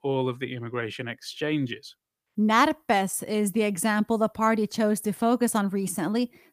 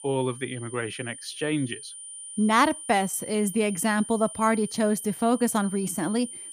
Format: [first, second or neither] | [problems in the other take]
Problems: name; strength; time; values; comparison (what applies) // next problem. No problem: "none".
first | high-pitched whine; noticeable; throughout; 9 kHz, 10 dB below the speech